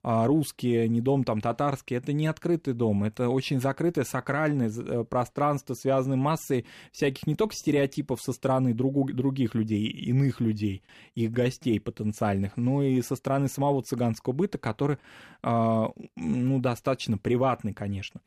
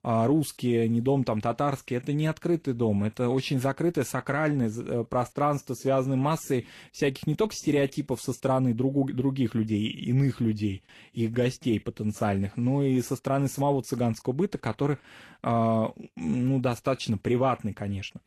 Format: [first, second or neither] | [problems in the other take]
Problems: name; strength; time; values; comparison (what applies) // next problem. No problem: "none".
first | garbled, watery; slightly; nothing above 13 kHz